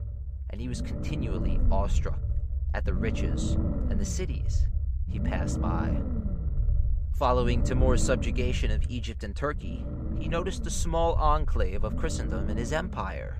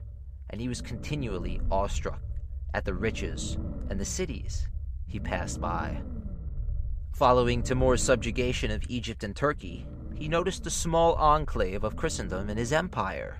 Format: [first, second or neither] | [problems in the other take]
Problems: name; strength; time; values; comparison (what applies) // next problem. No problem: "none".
second | low rumble; loud; throughout; 10 dB below the speech; faint in the second